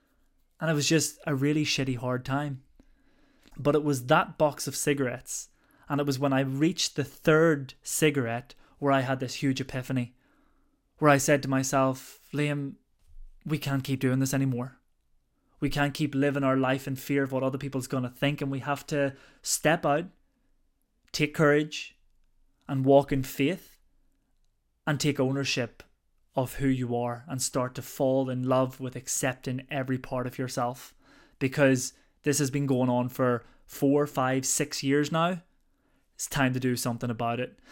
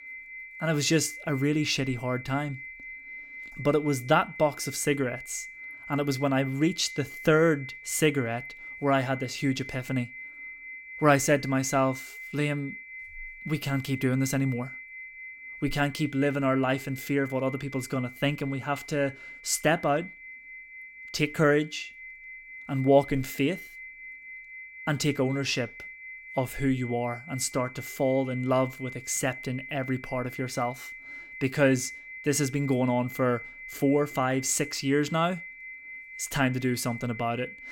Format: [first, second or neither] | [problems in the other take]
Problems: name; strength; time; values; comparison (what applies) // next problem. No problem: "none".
first | high-pitched whine; noticeable; throughout; 2 kHz, 15 dB below the speech